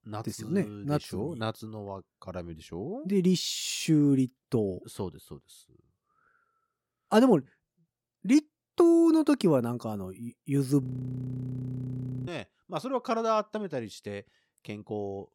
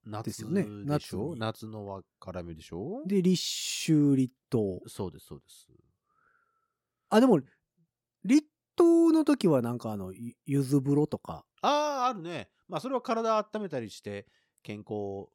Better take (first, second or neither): second